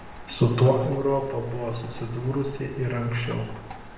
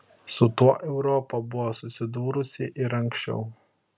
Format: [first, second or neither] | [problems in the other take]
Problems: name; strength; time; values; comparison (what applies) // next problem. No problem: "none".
second | background sound (Rain); 14 dB below the speech // room echo; dies away in 1 s